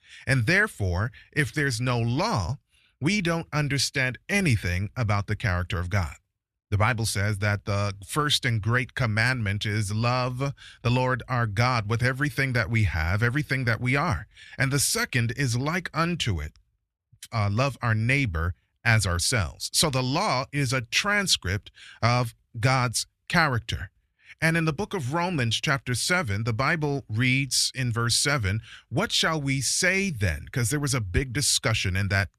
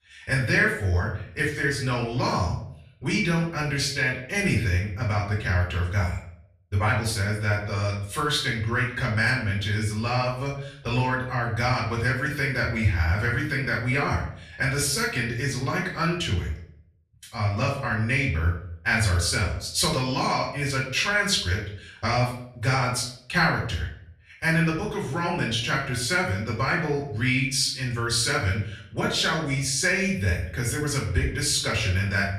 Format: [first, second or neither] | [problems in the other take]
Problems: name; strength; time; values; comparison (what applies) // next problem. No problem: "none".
first | off-mic speech; far // room echo; noticeable; dies away in 0.5 s